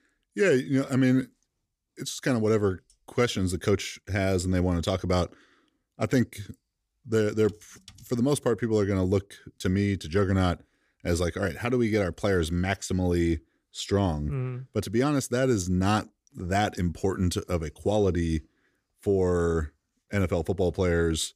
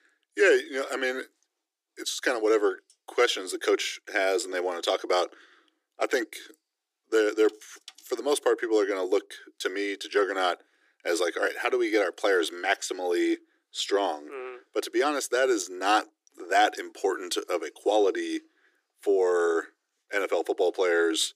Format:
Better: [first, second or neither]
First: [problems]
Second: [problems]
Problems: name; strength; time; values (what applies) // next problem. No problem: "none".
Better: first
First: none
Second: thin; very; fading below 300 Hz